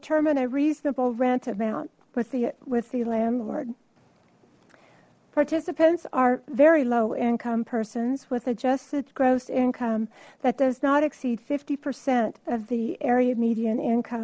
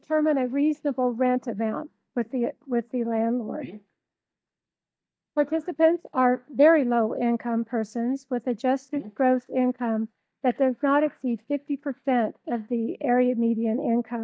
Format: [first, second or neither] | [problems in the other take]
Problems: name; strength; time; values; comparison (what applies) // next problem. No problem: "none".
first | noise reduction (neural mask model DeepFilterNet 3)